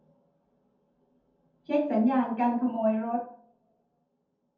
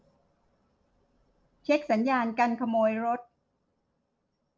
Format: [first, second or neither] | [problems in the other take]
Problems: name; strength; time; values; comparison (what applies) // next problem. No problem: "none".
second | room echo; dies away in 0.5 s